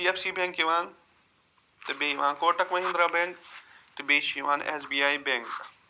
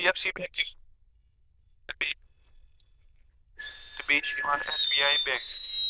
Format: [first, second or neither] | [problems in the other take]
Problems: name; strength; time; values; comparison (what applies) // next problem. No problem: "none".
first | noise reduction (neural diffusion model UNIVERSE++)